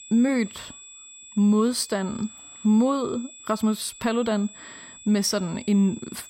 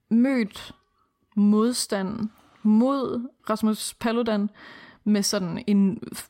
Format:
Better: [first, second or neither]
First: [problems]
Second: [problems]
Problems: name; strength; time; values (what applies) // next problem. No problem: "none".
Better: second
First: high-pitched whine; noticeable; throughout; 7.5 kHz, 20 dB below the speech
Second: none